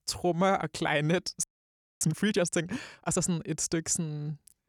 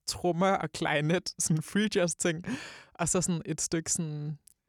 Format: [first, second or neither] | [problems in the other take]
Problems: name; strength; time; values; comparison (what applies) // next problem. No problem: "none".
second | audio freezing; at 1.5 s for 0.5 s